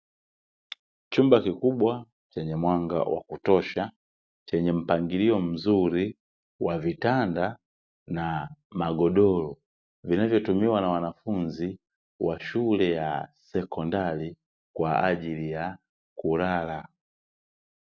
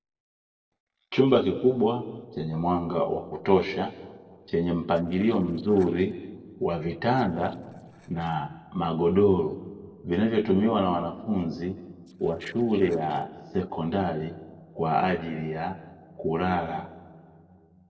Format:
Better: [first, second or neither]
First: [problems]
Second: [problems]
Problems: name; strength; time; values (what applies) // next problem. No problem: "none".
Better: first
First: none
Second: noise reduction (neural separator model SepFormer DNS4)